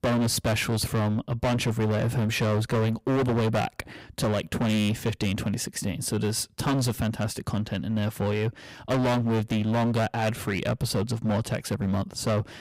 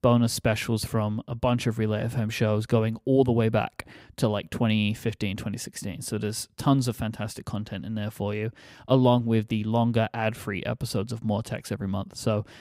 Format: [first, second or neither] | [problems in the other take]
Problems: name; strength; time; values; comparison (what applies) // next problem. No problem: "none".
second | distortion; heavy; 20% of the sound clipped